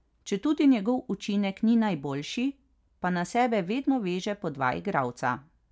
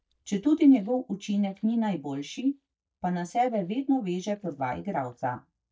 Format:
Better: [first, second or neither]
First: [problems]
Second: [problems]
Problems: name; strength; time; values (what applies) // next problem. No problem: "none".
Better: first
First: none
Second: noise reduction (neural mask model DeepFilterNet 3)